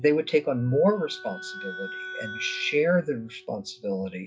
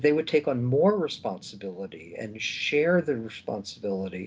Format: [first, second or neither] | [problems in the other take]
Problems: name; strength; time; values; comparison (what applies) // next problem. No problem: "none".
second | noise reduction (classical method log-MMSE)